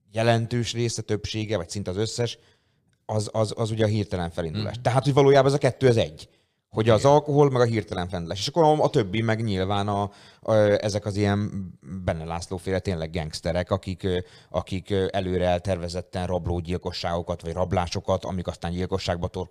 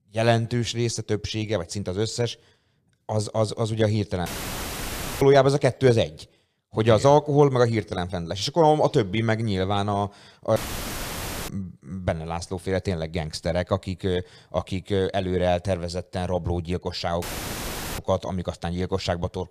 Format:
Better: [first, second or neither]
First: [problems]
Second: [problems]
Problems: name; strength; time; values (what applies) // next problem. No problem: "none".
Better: first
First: none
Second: audio cutting out; filled with static; at 4.5 s for 1 s, at 11 s for 1 s and at 17 s for 1 s